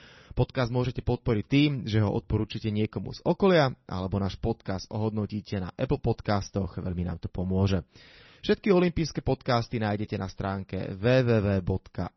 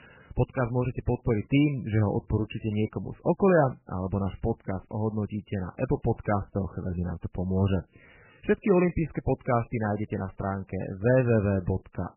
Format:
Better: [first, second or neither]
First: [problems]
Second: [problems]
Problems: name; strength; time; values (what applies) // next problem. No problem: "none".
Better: first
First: garbled, watery; slightly; nothing above 6 kHz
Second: garbled, watery; badly; nothing above 3 kHz